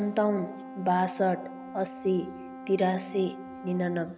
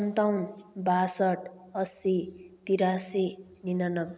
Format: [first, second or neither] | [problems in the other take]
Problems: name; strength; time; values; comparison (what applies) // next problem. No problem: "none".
second | background sound (Brass instrument); 13 dB below the speech